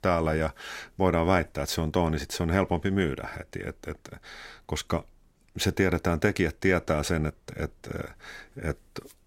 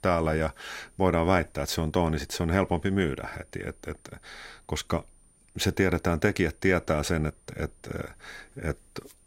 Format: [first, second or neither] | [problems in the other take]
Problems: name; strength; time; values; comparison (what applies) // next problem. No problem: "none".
first | high-pitched whine; faint; throughout; 9 kHz, 30 dB below the speech